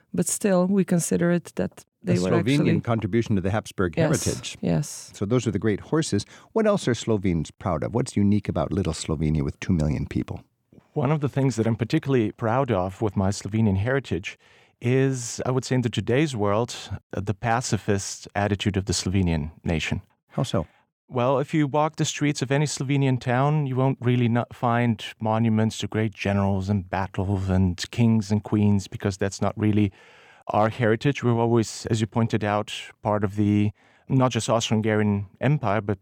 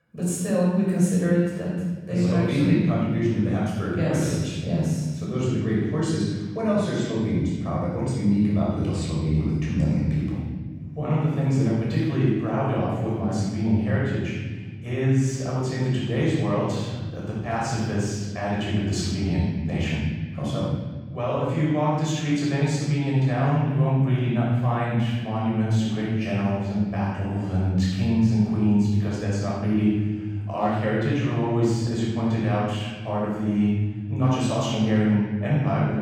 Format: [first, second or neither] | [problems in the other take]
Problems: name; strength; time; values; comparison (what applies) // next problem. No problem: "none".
first | room echo; strong; dies away in 1.9 s // off-mic speech; far